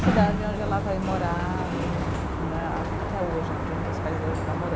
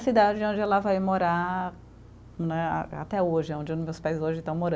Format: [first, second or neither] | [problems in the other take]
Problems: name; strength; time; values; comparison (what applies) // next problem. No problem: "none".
second | background sound (Sliding door); 4 dB above the speech